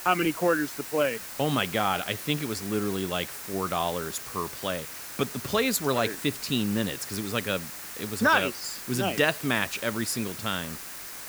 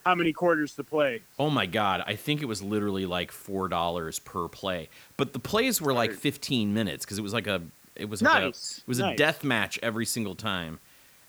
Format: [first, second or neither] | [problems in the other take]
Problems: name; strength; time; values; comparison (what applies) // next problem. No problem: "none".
second | hiss; loud; throughout; 9 dB below the speech; faint in the second